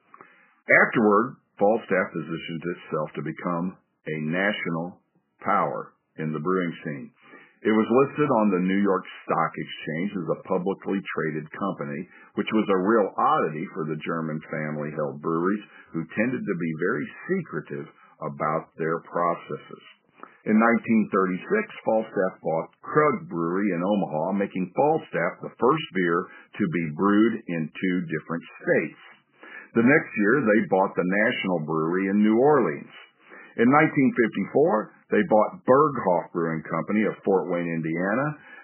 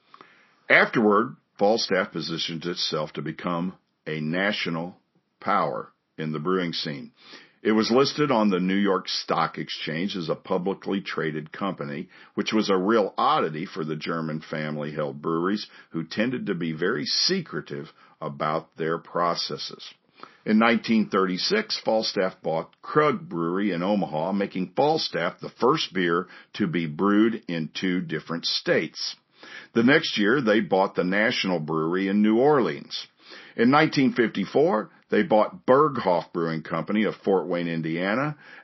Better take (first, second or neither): second